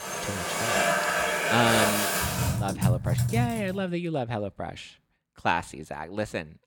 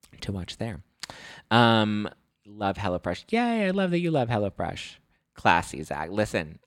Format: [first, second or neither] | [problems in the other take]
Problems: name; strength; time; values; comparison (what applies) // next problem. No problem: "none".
second | household noises; very loud; until 3.5 s; 5 dB above the speech